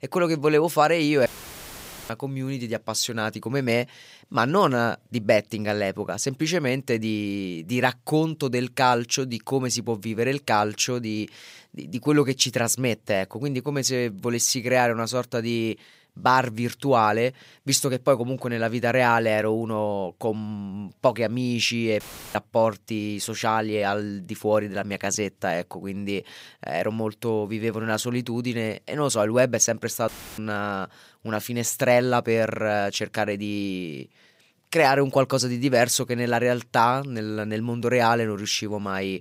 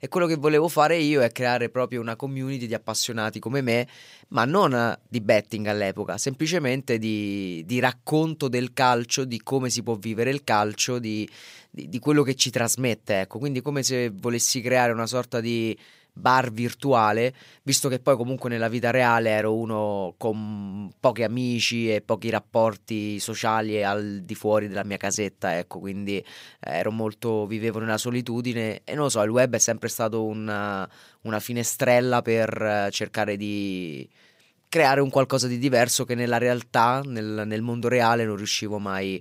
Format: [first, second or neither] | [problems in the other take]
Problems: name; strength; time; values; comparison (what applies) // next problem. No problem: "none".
second | audio cutting out; filled with static; at 1.5 s for 1 s, at 22 s and at 30 s